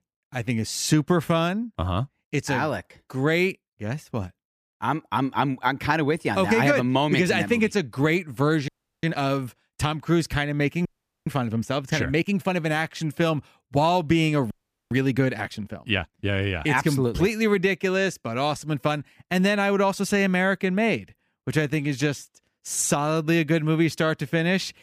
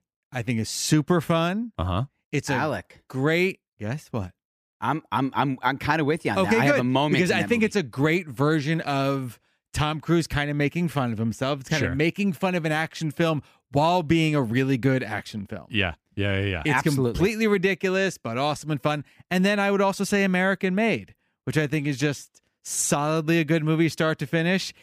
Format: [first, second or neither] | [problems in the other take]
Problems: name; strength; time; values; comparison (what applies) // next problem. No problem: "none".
second | audio freezing; at 8.5 s, at 11 s and at 15 s